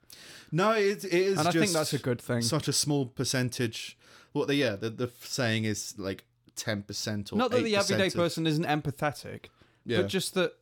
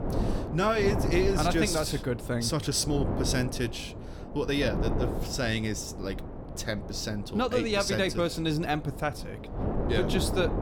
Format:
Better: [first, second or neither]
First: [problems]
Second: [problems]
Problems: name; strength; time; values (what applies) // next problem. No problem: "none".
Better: first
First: none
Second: wind noise on the microphone; heavy; 9 dB below the speech